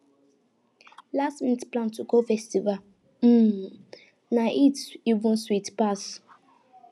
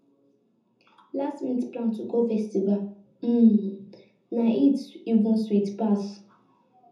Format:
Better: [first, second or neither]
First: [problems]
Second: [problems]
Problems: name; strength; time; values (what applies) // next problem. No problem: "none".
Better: first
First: none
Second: room echo; dies away in 0.5 s